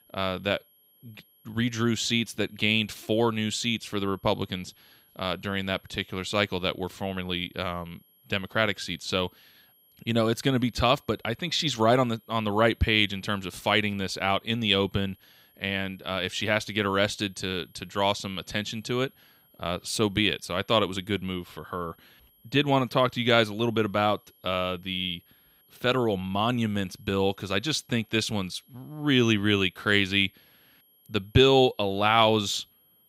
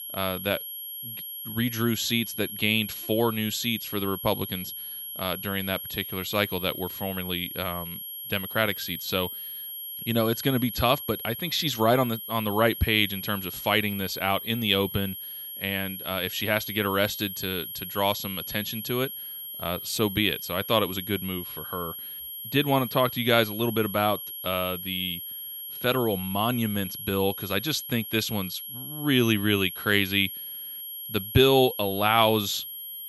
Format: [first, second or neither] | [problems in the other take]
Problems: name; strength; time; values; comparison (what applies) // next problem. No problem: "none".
first | high-pitched whine; loud; throughout; 11.5 kHz, 8 dB below the speech; faint in the first